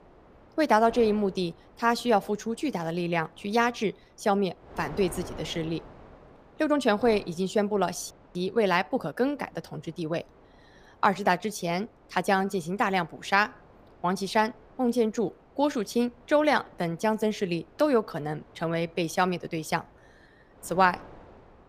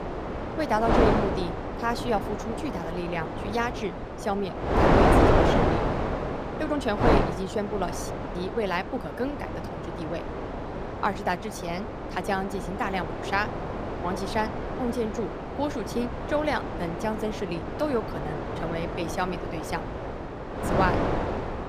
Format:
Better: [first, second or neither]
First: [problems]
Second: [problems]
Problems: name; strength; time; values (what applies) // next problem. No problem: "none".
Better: first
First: wind noise on the microphone; occasional gusts; 25 dB below the speech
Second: wind noise on the microphone; heavy; 1 dB above the speech